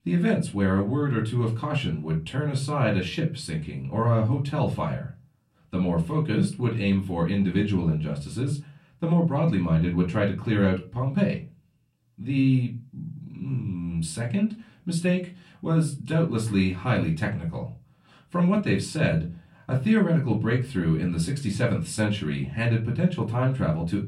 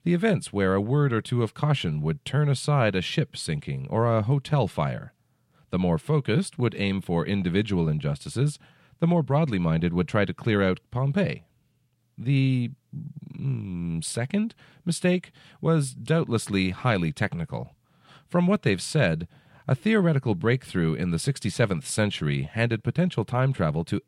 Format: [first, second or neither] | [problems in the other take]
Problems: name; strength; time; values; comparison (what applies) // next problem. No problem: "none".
second | off-mic speech; far // room echo; very slight; dies away in 0.3 s